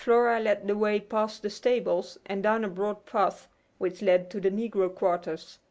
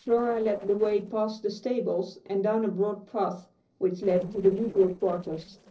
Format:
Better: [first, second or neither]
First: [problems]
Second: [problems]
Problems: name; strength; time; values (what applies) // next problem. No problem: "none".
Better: first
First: none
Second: noise reduction (neural separator model SepFormer DNS4)